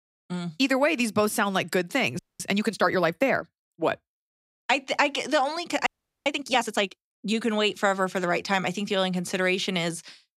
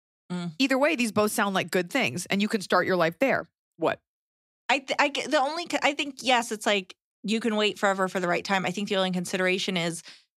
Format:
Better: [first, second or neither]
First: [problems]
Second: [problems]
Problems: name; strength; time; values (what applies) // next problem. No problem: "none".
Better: second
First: audio freezing; at 2 s and at 6 s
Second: none